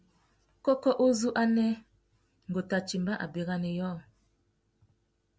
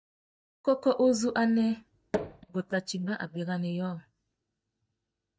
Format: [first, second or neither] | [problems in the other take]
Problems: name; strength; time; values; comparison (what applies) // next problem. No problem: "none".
first | noise reduction (neural mask model DeepFilterNet 3)